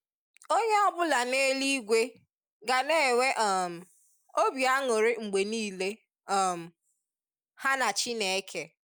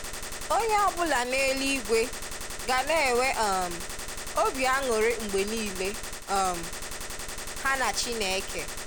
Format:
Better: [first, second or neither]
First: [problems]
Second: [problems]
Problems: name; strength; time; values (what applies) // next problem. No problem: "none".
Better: first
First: none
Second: background sound (Gunshot, gunfire); 6 dB below the speech